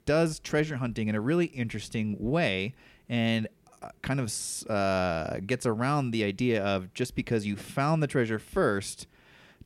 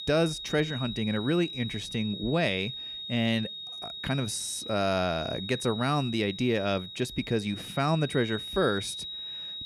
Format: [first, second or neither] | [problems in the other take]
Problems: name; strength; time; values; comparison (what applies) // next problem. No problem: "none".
first | high-pitched whine; loud; throughout; 4 kHz, 8 dB below the speech